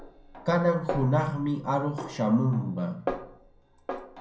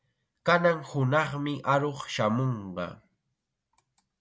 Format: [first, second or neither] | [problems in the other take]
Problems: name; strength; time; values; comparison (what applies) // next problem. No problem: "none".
second | background sound (Snare drum); 11 dB below the speech // room echo; dies away in 0.6 s